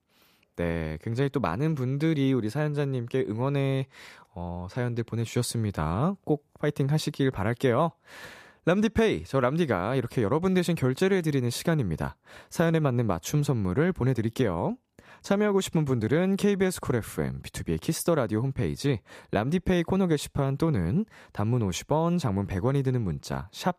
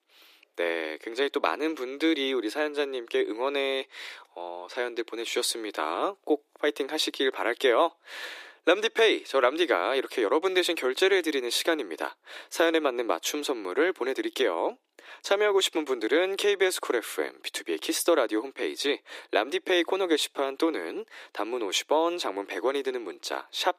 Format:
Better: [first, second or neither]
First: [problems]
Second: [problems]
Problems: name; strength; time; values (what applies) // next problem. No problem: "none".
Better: first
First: none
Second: thin; very; fading below 300 Hz